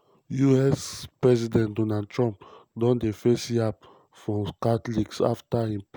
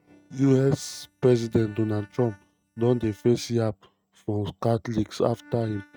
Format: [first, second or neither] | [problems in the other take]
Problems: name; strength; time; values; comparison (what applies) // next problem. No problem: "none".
first | noise reduction (neural mask model RNNoise)